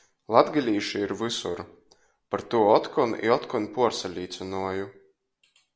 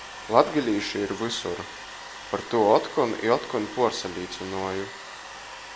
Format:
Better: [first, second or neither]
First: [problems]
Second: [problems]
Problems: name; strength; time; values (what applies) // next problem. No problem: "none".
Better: first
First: none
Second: background sound (Domestic sounds, home sounds); 13 dB below the speech